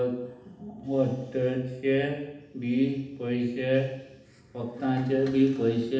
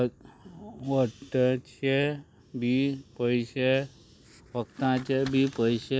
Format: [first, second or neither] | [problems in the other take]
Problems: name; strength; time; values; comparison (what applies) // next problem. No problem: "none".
second | room echo; dies away in 0.8 s